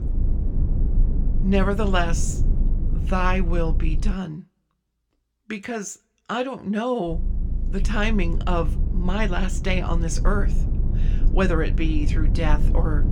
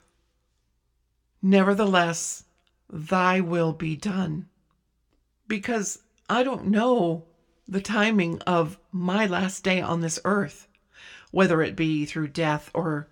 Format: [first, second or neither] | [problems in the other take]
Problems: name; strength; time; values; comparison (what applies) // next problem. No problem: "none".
second | low rumble; noticeable; until 4 s and from 7 s on; 15 dB below the speech